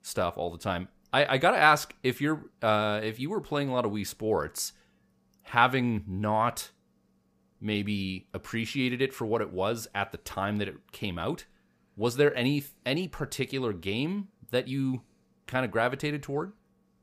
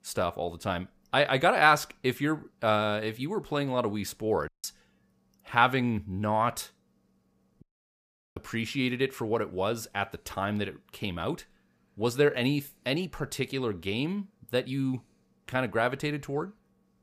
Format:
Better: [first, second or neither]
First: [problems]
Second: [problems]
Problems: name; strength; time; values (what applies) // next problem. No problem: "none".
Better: first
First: none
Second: audio cutting out; at 4.5 s and at 7.5 s for 0.5 s